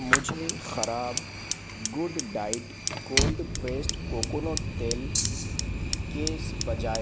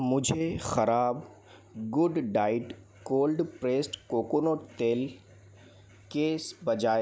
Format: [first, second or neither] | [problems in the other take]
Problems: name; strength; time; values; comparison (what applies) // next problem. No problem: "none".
second | background sound (Rattle (instrument) + Fire); 4 dB above the speech